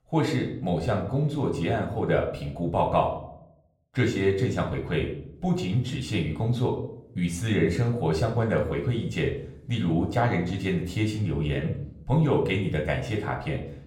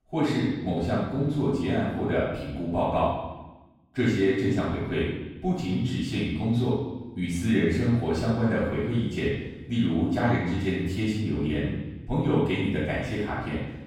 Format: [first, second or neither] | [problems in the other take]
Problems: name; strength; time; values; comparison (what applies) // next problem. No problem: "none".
first | room echo; strong; dies away in 1 s; slight in the first // off-mic speech; far; somewhat distant in the first